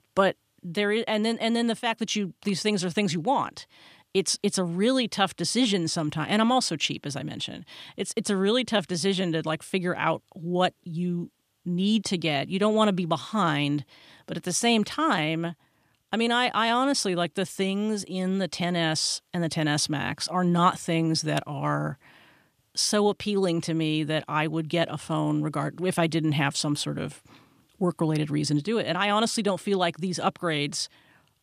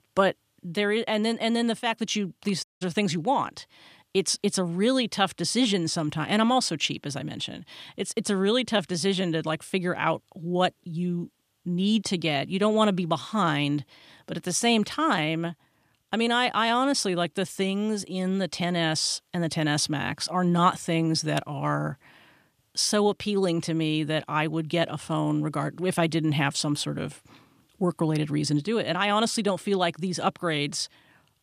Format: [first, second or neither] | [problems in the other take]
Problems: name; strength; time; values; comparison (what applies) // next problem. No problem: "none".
first | audio cutting out; at 2.5 s